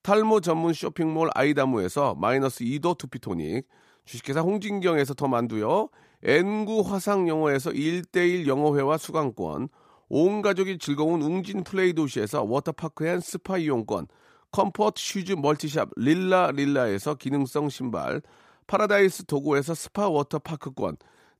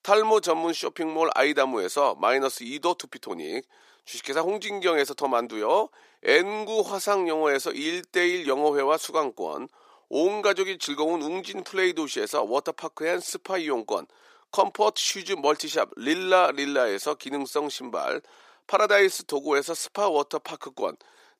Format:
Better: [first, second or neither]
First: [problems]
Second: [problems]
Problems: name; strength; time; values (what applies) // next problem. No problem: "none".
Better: first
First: none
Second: thin; somewhat; fading below 400 Hz